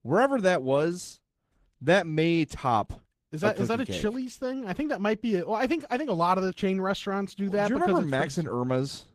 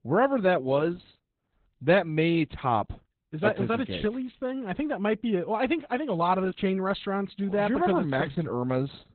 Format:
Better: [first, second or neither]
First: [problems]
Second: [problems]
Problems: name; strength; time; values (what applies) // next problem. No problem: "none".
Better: first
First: garbled, watery; slightly; nothing above 14.5 kHz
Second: garbled, watery; badly; nothing above 4 kHz